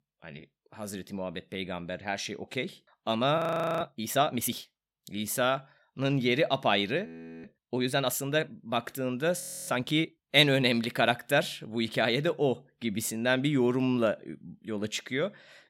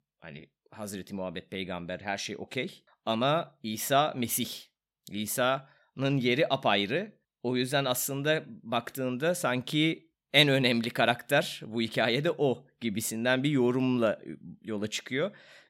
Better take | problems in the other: second | audio freezing; at 3.5 s, at 7 s and at 9.5 s

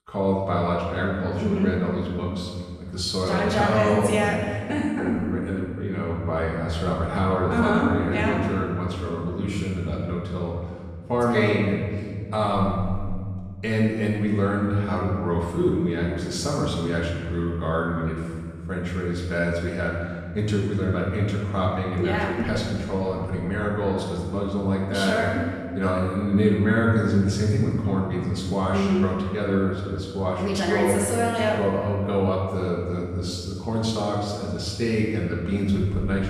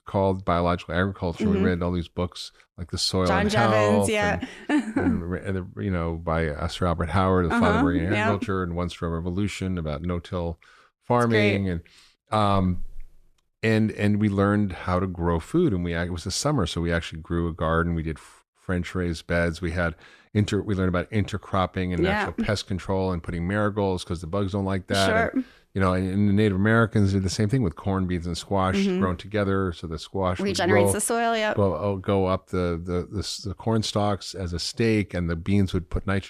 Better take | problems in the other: second | off-mic speech; far // room echo; noticeable; dies away in 1.8 s

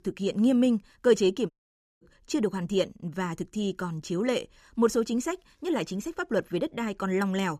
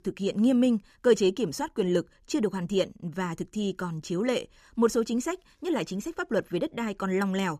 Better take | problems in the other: second | audio cutting out; at 1.5 s for 0.5 s

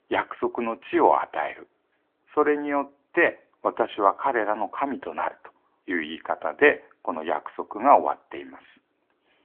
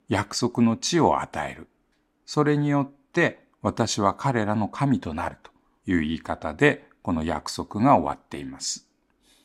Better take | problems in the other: second | phone-call audio; nothing above 3.5 kHz

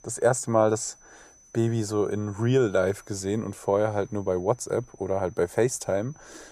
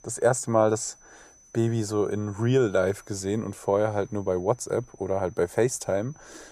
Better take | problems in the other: neither | high-pitched whine; faint; throughout; 6 kHz, 30 dB below the speech; the same in both

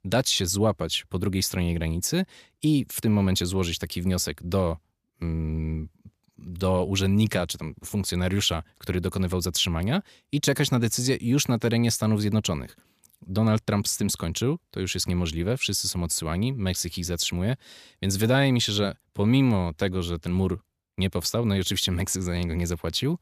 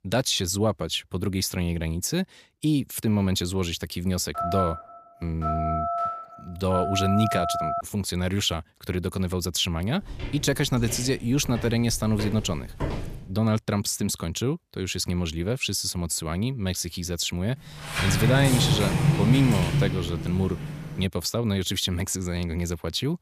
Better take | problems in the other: first | phone ringing; noticeable; from 4.5 to 8 s; peak level with the speech // footsteps; noticeable; from 10 to 13 s; peak 5 dB below the speech // door banging; loud; from 18 to 21 s; peak 5 dB above the speech

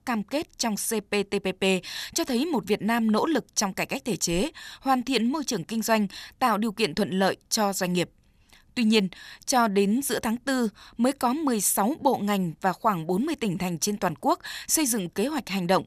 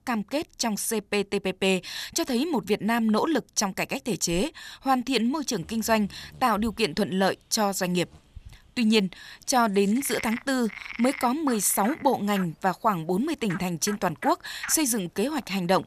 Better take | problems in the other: first | animal sounds; noticeable; from 5.5 s on; 15 dB below the speech

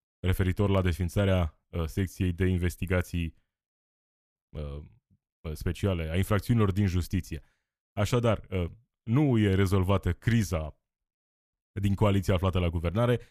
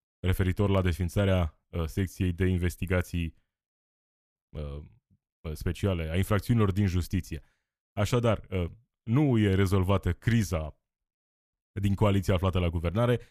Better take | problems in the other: neither | audio cutting out; at 3.5 s for 0.5 s; the same in both

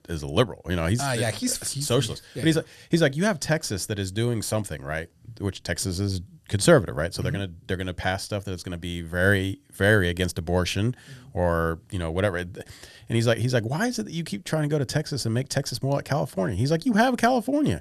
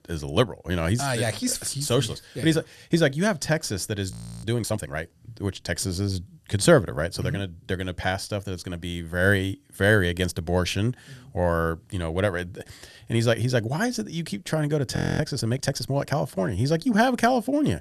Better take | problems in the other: first | audio freezing; at 4 s and at 15 s

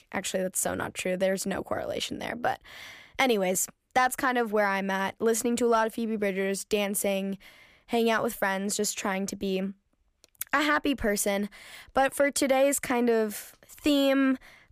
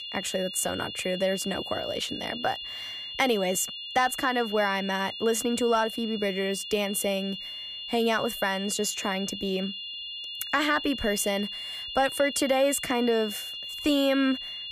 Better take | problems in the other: first | high-pitched whine; loud; throughout; 3 kHz, 7 dB below the speech

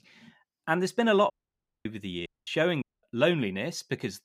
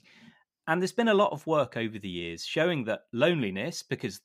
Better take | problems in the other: second | audio cutting out; at 1.5 s for 0.5 s, at 2.5 s and at 3 s

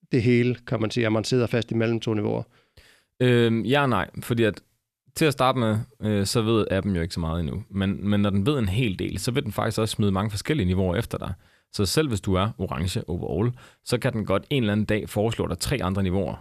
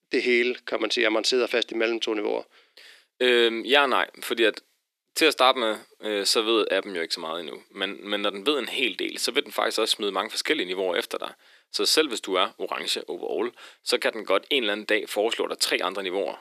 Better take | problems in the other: first | thin; very; fading below 300 Hz

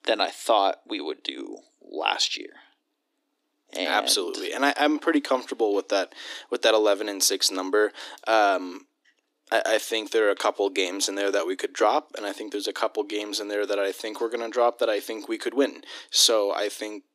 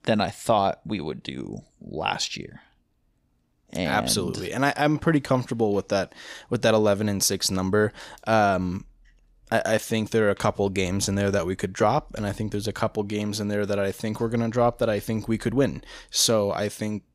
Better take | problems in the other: second | thin; somewhat; fading below 300 Hz

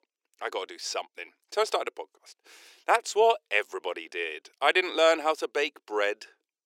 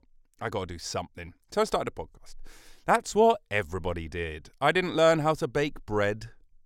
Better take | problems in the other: second | thin; very; fading below 350 Hz

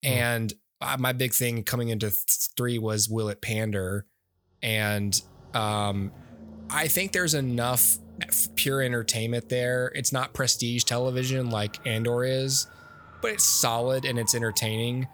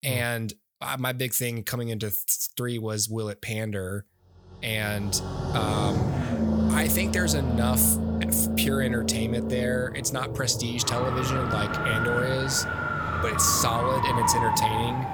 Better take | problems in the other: first | traffic noise; loud; from 4.5 s on; as loud as the speech; faint in the first

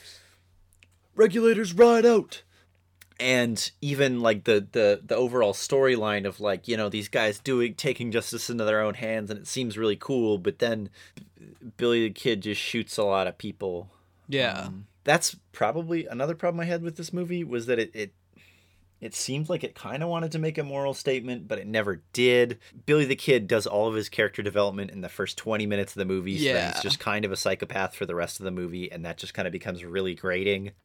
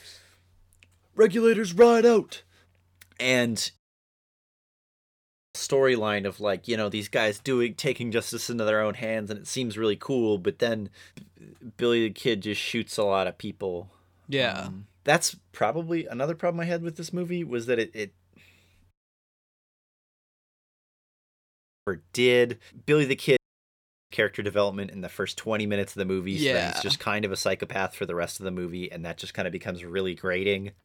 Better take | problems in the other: first | audio cutting out; at 4 s for 2 s, at 19 s for 3 s and at 23 s for 0.5 s

